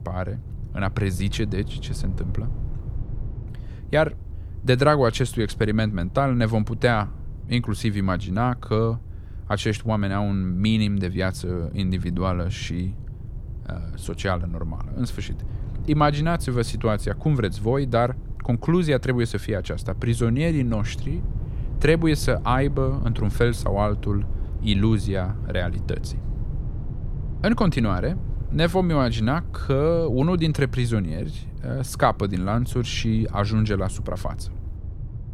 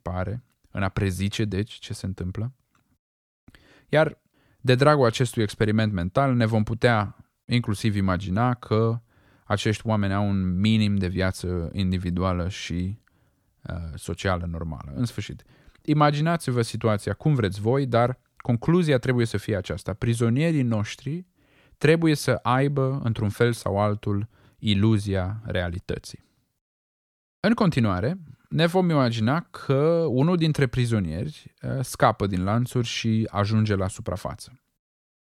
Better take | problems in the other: second | low rumble; faint; throughout; 20 dB below the speech

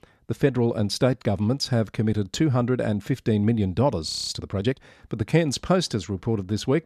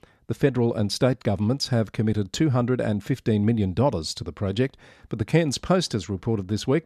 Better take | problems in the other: second | audio freezing; at 4 s

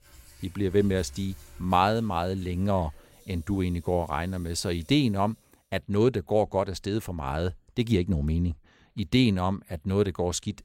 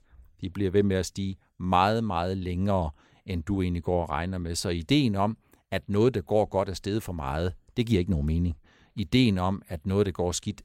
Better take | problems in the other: second | household noises; faint; until 5 s; 25 dB below the speech

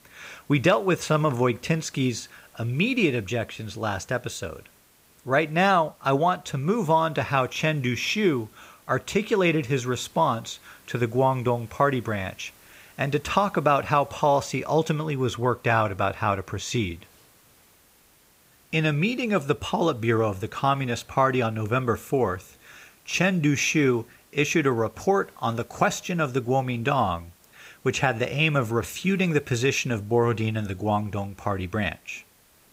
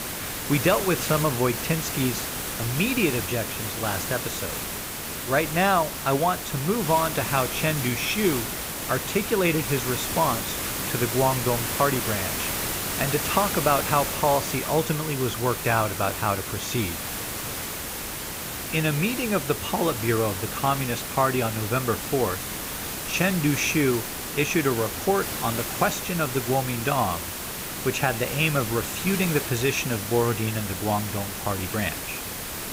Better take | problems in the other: first | hiss; loud; throughout; 4 dB below the speech; faint in the first

